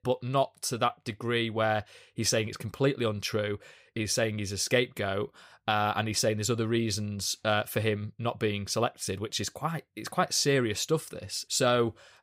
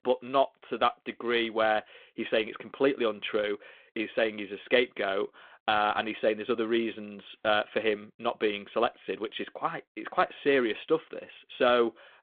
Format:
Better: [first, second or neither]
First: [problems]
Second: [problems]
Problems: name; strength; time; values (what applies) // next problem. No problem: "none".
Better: first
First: none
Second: phone-call audio